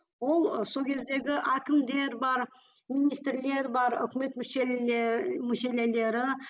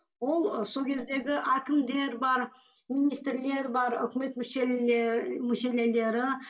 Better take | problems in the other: first | room echo; dies away in 0.2 s

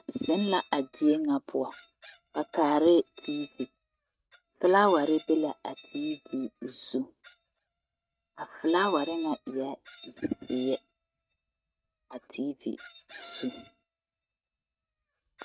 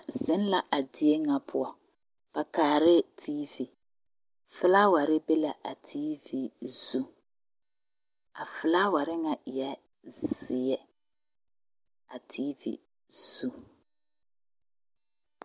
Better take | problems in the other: second | noise reduction (neural mask model RNNoise)

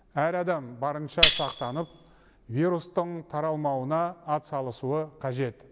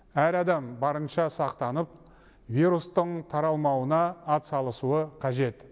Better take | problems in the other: second | background sound (Tambourine); 3 dB above the speech

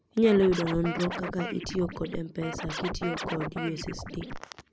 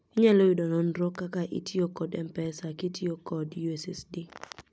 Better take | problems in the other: second | background sound (Scratching (performance technique)); 7 dB below the speech

